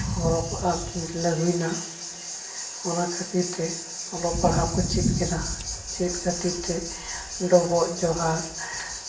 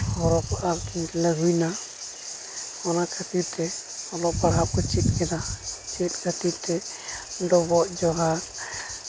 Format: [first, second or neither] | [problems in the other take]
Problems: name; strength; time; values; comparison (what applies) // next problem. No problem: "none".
second | background sound (Scissors); 18 dB below the speech // room echo; dies away in 1.1 s